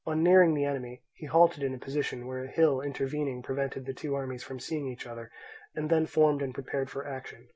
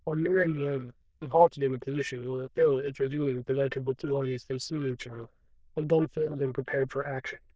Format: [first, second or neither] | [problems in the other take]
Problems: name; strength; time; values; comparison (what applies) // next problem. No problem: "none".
first | noise reduction (neural diffusion model UNIVERSE++)